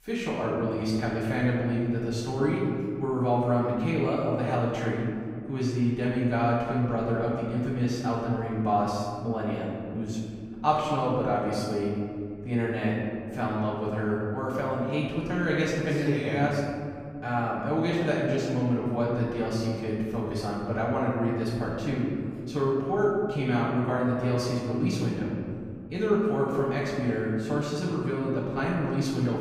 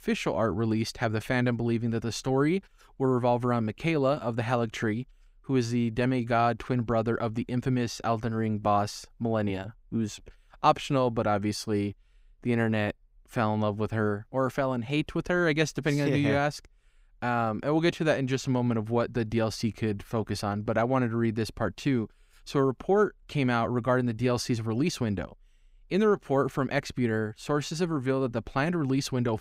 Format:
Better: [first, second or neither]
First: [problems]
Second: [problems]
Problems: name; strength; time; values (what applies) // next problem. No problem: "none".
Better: second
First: room echo; noticeable; dies away in 2.2 s // off-mic speech; far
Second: none